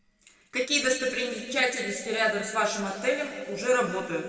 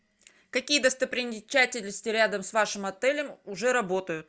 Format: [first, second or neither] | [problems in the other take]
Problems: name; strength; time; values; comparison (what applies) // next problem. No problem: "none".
second | room echo; dies away in 2.1 s